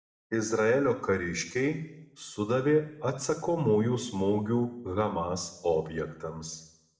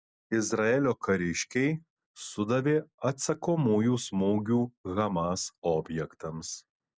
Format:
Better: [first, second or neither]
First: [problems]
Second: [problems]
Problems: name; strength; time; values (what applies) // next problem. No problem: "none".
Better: second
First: room echo; dies away in 0.7 s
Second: none